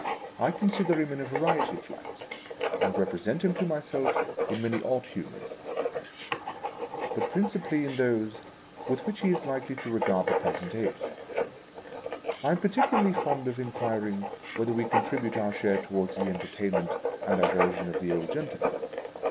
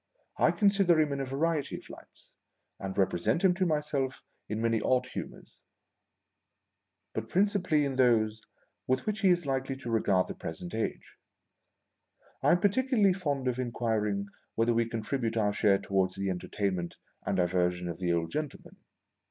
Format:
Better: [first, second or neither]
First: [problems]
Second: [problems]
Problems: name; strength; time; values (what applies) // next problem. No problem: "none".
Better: second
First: background sound (Writing); 2 dB below the speech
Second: none